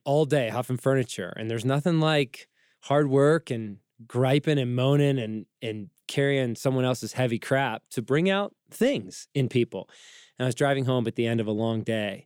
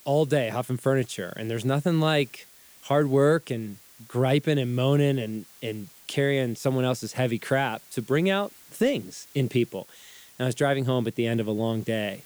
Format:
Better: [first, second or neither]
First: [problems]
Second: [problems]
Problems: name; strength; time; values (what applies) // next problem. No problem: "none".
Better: first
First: none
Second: hiss; faint; throughout; 25 dB below the speech